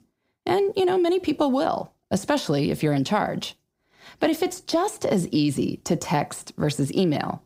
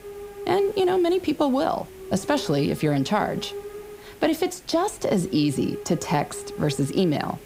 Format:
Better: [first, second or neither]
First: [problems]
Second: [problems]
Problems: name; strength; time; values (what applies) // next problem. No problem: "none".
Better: first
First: none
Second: hiss; noticeable; throughout; 15 dB below the speech